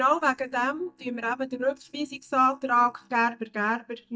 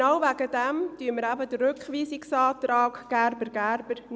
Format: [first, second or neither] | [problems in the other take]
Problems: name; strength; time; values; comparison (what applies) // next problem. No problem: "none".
second | noise reduction (neural mask model DeepFilterNet 3)